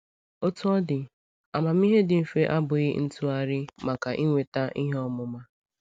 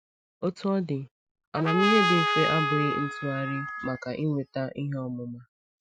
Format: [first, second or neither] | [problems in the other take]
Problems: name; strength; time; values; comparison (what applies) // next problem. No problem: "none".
first | noise reduction (classical method Wiener filter)